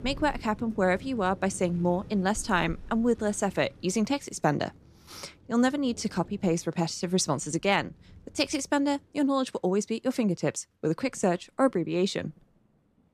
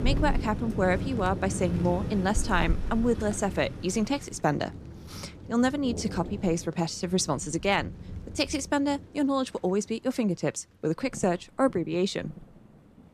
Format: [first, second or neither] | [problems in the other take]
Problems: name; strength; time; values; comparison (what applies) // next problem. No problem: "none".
first | rain or running water; loud; throughout; 9 dB below the speech; faint in the first